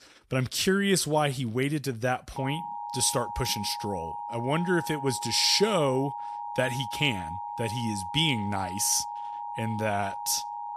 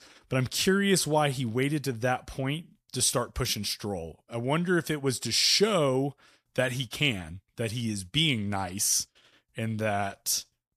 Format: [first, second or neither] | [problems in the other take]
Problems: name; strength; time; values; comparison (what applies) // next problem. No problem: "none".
second | alarm; noticeable; from 2.5 s on; peak 9 dB below the speech